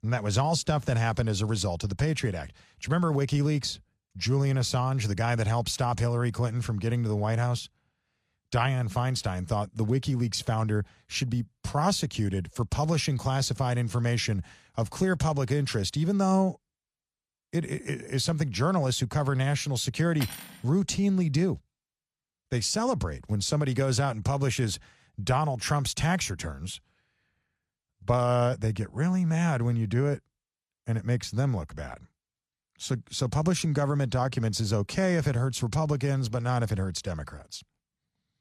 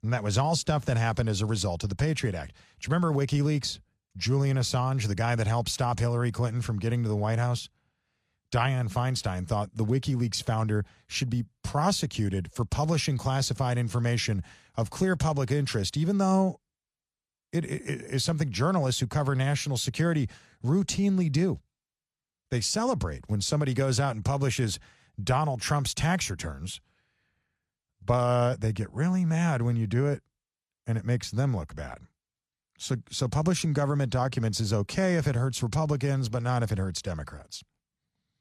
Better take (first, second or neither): second